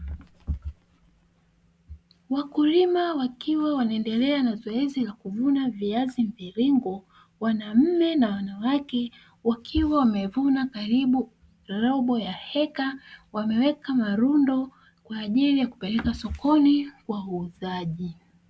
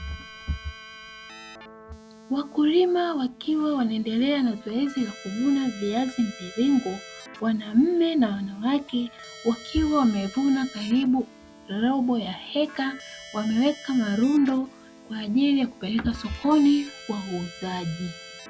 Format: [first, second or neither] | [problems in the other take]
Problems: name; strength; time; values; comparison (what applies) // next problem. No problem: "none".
first | background sound (Keyboard (musical)); 19 dB below the speech